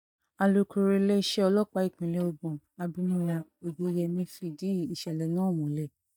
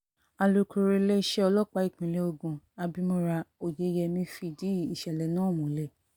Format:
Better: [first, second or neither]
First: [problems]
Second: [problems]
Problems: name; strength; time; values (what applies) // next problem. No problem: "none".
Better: second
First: noise reduction (neural mask model DeepFilterNet 3)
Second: none